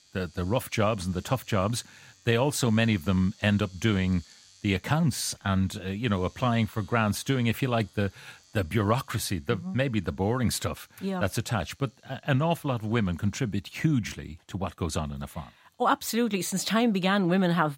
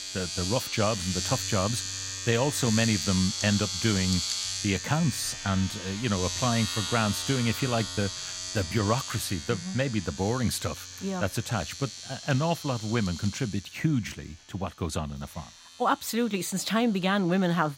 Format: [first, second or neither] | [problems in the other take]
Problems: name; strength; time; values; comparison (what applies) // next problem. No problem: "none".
first | household noises; loud; throughout; 4 dB below the speech; faint in the first